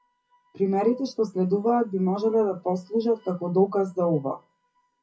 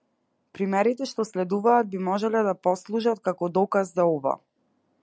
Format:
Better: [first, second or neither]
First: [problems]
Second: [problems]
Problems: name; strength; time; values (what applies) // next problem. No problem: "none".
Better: second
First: noise reduction (classical method WPE with log-MMSE)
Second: none